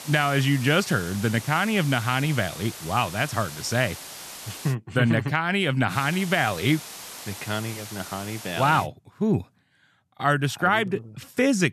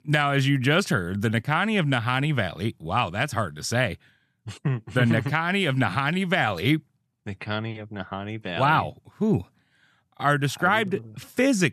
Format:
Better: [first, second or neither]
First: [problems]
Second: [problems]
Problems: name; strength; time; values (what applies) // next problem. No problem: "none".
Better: second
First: hiss; noticeable; until 4.5 s and from 6 to 9 s; 15 dB below the speech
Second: none